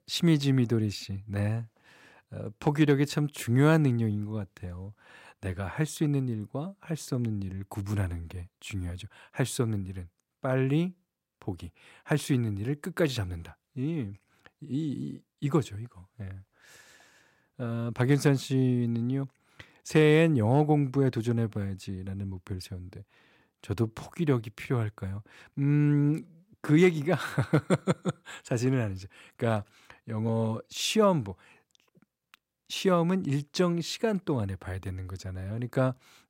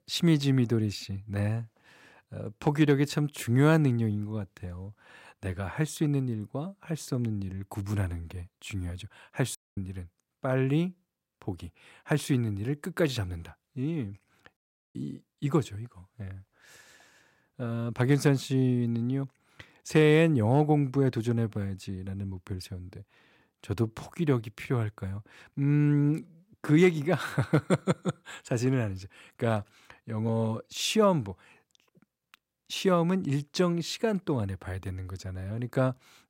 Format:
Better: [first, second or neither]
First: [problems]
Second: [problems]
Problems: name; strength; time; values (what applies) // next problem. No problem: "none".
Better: first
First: none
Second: audio cutting out; at 9.5 s and at 15 s